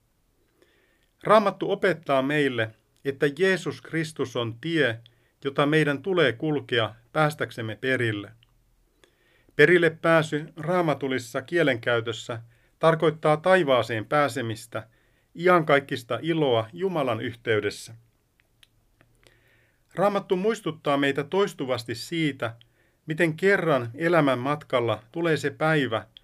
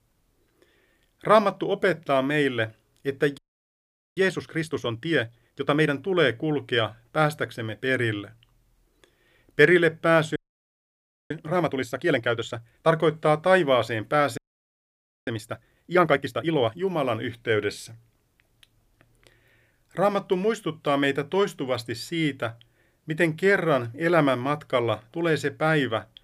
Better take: first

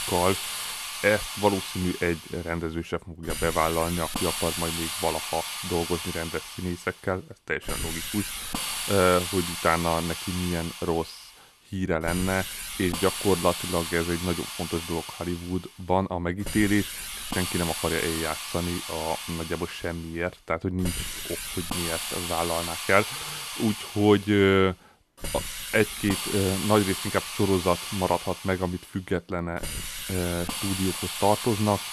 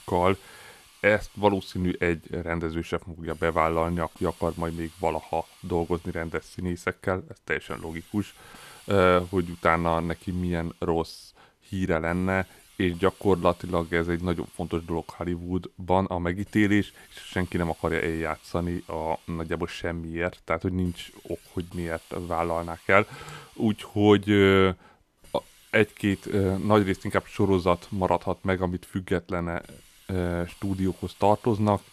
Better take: second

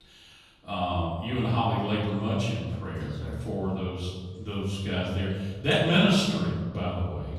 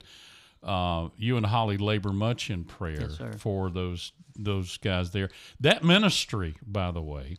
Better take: second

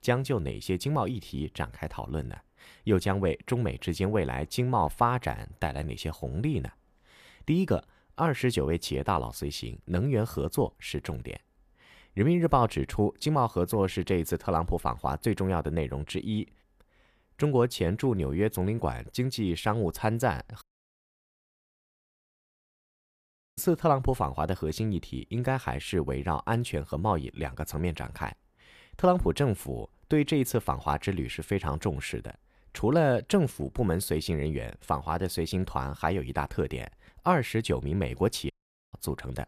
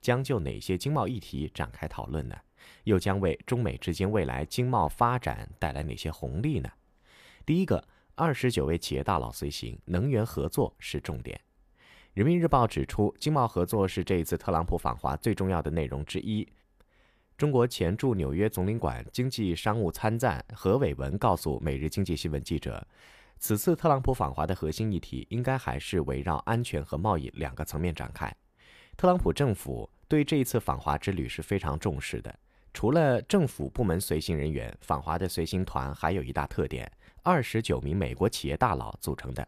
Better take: second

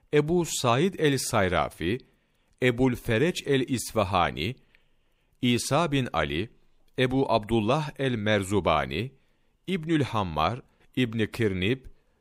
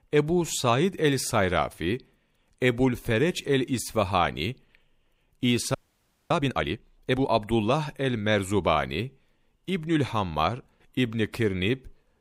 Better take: first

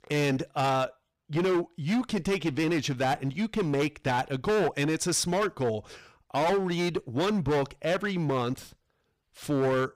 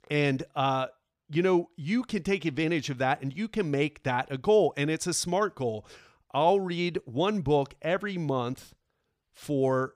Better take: second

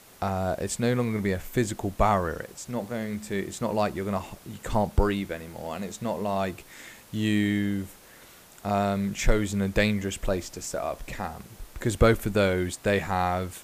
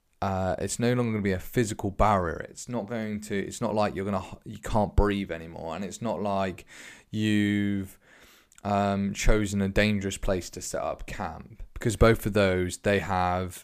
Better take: second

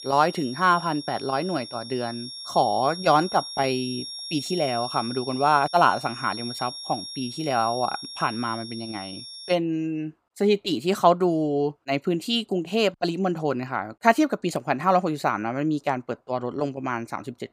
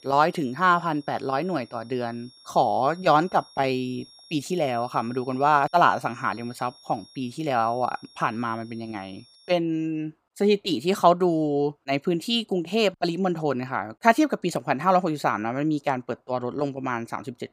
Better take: second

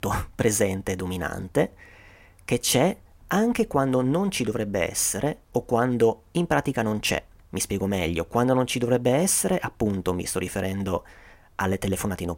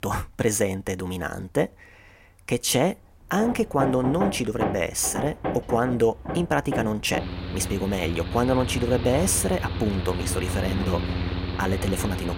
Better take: first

